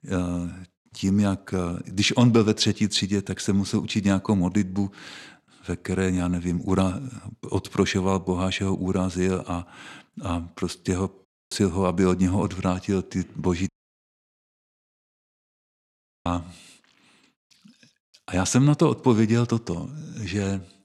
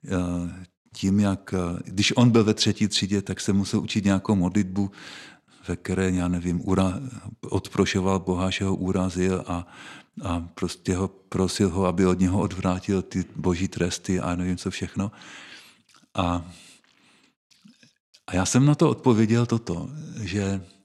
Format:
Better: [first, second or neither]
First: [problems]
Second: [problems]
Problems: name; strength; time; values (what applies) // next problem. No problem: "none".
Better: second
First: audio cutting out; at 11 s and at 14 s for 2.5 s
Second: none